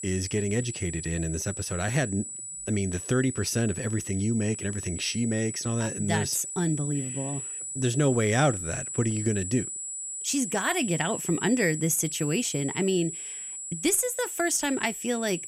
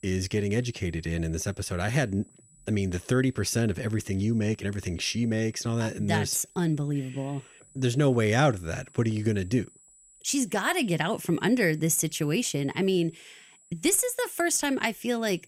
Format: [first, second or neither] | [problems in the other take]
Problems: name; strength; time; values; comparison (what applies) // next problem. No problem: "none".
second | high-pitched whine; loud; throughout; 7.5 kHz, 6 dB below the speech; faint in the second